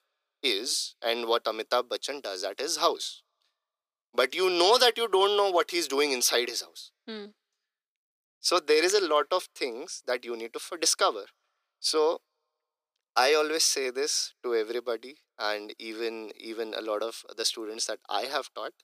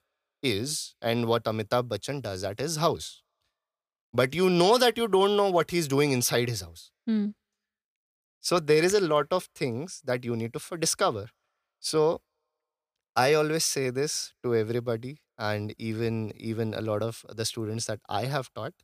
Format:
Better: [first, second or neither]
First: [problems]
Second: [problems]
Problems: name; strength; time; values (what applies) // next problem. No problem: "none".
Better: second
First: thin; very; fading below 300 Hz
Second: none